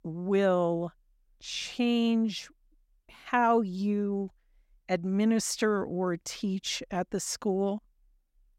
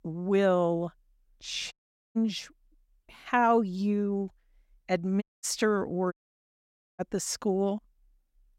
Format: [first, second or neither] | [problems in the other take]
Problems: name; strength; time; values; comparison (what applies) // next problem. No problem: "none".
first | audio cutting out; at 1.5 s, at 5 s and at 6 s for 1 s